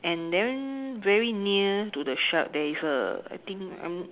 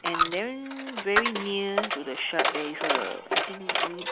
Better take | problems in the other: first | background sound (Coin (dropping)); 3 dB above the speech

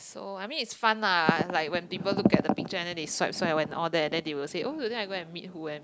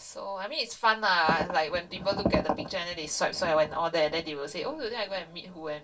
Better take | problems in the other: first | room echo; dies away in 0.2 s

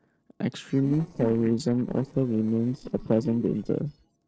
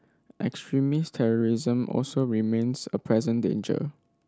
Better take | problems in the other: second | noise reduction (neural separator model SepFormer DNS4)

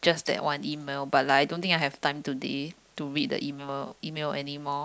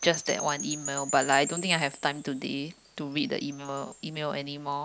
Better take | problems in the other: first | background sound (Wind chime / Percussion); 10 dB below the speech

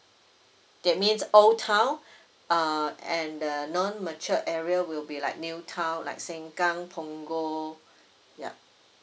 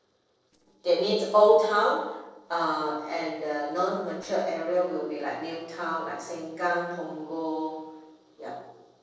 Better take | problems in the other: first | noise reduction (neural separator model SepFormer DNS4)

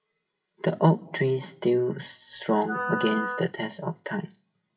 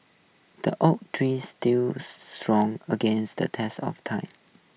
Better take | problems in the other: second | noise reduction (classical method WPE with log-MMSE)

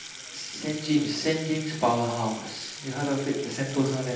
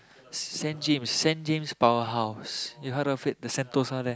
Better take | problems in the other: second | background sound (Sink (filling or washing) / Water tap, faucet); 13 dB below the speech // room echo; dies away in 0.8 s

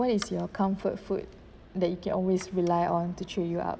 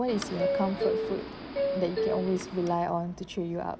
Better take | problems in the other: first | background sound (Subway, metro, underground); as loud as the speech

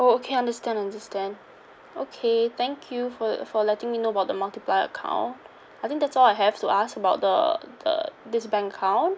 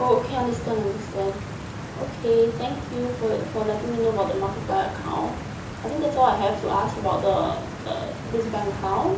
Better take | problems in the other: first | background sound (Stream); 8 dB below the speech // room echo; dies away in 0.7 s

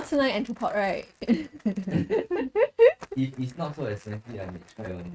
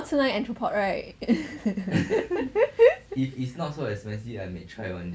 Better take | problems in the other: second | noise reduction (neural mask model RNNoise)

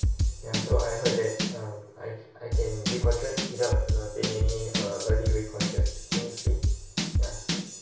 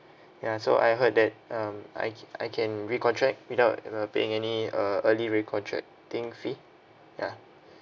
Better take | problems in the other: second | background sound (Drum / Drum kit); 5 dB above the speech // room echo; dies away in 0.6 s

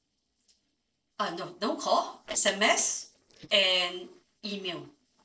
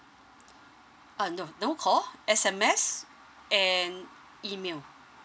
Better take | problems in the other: second | noise reduction (neural separator model SepFormer DNS4)

